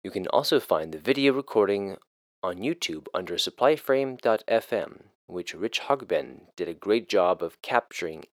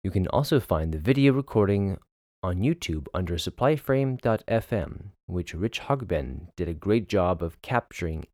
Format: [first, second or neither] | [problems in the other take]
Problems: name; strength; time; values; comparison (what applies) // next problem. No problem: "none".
second | thin; somewhat; fading below 400 Hz